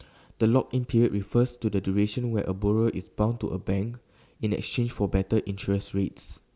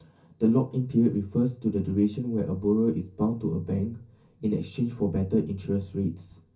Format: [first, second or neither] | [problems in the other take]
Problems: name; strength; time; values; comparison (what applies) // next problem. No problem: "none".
first | room echo; dies away in 0.3 s